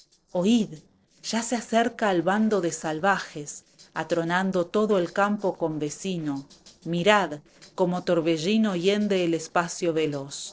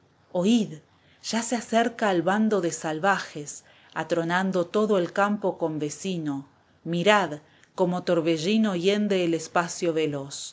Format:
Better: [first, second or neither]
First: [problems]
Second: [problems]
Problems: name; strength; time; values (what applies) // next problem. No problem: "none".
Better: second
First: noise reduction (neural separator model SepFormer DNS4)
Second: none